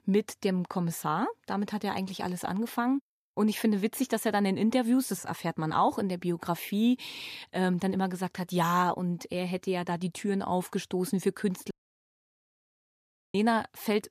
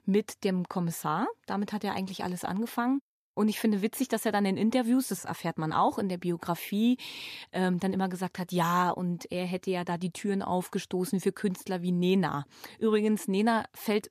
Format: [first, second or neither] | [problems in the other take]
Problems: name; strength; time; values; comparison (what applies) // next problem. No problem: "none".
second | audio cutting out; at 12 s for 1.5 s